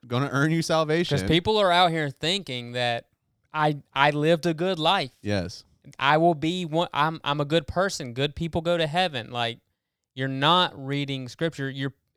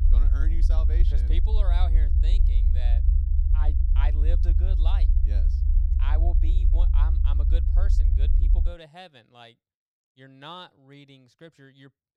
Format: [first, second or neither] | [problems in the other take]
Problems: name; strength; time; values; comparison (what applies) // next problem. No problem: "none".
first | low rumble; loud; until 8.5 s; 2 dB below the speech